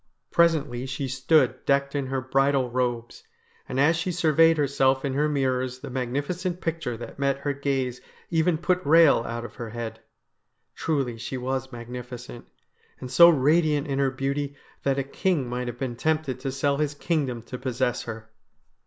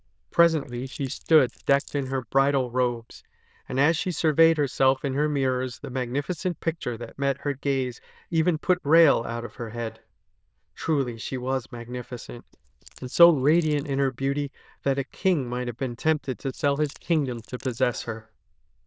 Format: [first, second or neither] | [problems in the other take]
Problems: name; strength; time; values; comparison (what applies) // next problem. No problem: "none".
first | noise reduction (neural diffusion model UNIVERSE++)